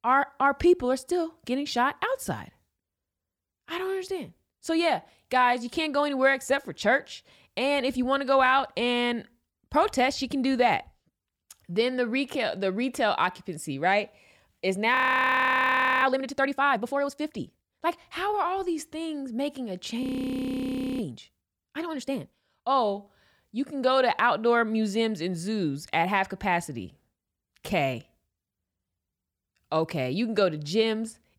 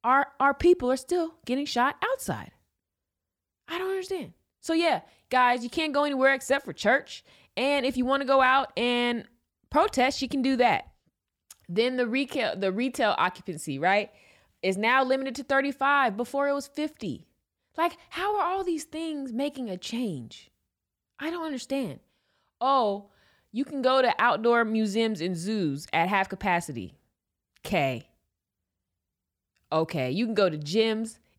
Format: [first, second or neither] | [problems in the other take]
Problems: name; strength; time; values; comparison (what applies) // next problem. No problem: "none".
second | audio freezing; at 15 s for 1 s and at 20 s for 1 s